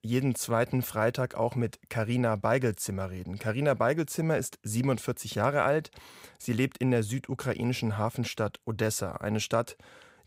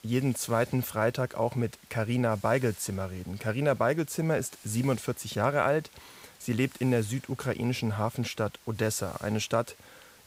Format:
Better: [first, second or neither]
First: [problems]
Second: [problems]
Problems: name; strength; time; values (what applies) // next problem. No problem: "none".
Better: first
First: none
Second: hiss; faint; throughout; 20 dB below the speech